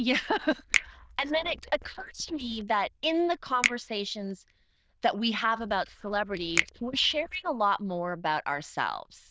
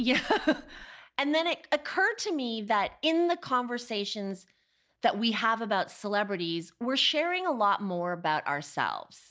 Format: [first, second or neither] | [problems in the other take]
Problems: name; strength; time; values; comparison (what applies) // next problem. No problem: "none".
second | noise reduction (neural diffusion model UNIVERSE++)